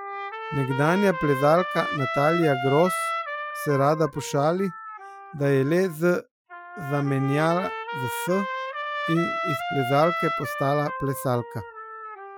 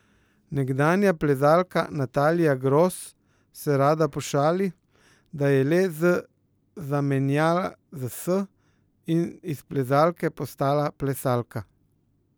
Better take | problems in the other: second | noise reduction (classical method Wiener filter)

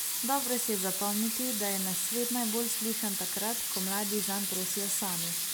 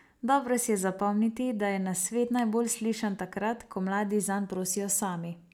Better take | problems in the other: second | background sound (Sink (filling or washing) / Water tap, faucet); 2 dB above the speech

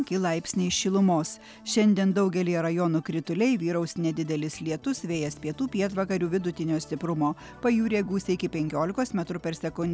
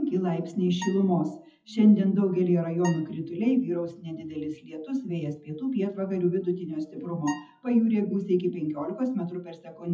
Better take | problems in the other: first | noise reduction (classical method WPE with log-MMSE)

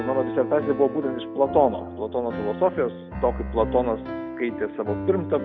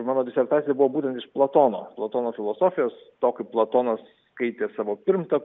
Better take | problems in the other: second | background sound (Piano); 7 dB below the speech

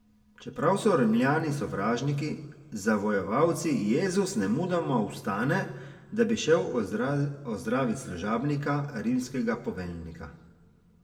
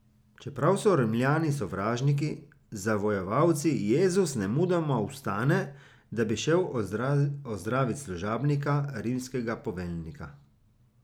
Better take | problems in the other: second | room echo; dies away in 1.1 s

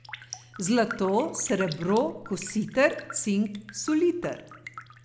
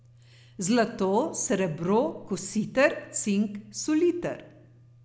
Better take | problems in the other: second | background sound (Raindrop); 16 dB below the speech

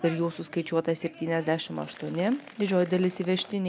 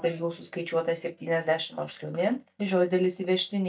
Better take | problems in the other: first | noise reduction (neural mask model DeepFilterNet 3)

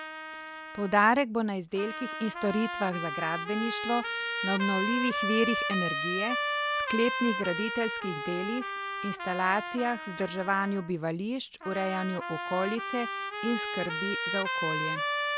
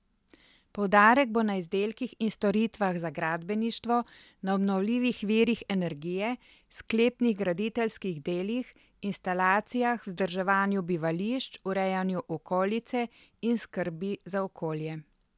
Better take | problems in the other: second | background sound (Trumpet); 3 dB below the speech

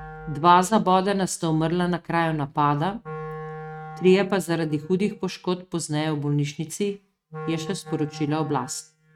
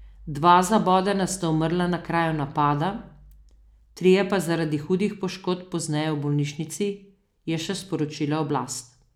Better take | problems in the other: second | noise reduction (neural mask model RNNoise)

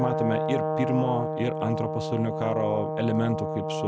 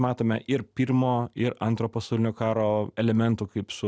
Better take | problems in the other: second | background sound (Brass instrument); 1 dB below the speech

